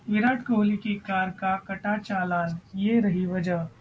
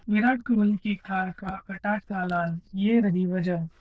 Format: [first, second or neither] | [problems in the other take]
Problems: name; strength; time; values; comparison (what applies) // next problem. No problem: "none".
first | noise reduction (neural diffusion model UNIVERSE++)